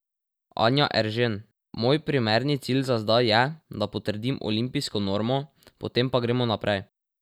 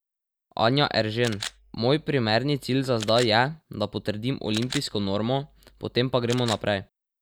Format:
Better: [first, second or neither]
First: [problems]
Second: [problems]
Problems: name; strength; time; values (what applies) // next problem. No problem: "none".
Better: first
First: none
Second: background sound (Camera); 16 dB below the speech